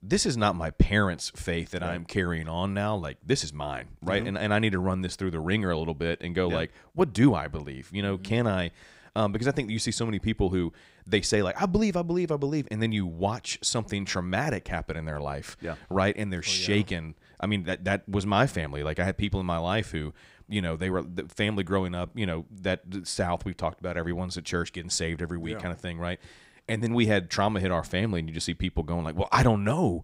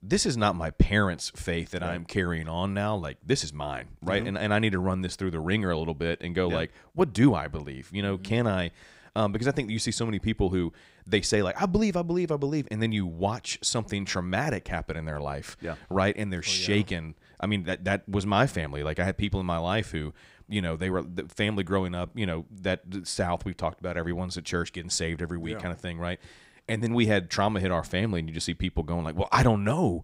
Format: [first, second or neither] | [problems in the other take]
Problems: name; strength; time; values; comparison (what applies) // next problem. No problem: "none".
neither | none